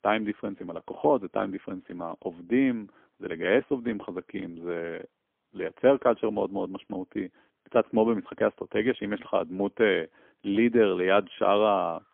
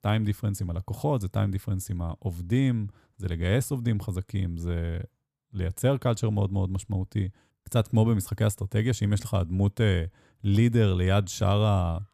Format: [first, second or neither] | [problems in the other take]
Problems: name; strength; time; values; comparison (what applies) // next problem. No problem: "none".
second | phone-call audio; poor line; nothing above 3.5 kHz